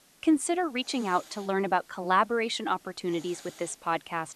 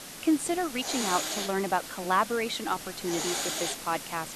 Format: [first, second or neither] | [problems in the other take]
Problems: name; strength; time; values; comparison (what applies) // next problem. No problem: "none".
first | hiss; loud; throughout; 4 dB below the speech; faint in the first